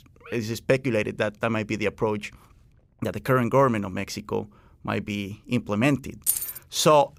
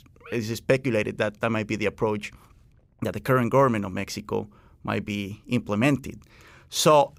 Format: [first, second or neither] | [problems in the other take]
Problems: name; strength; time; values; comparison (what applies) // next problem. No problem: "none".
second | jangling keys; loud; at 6.5 s; peak 1 dB above the speech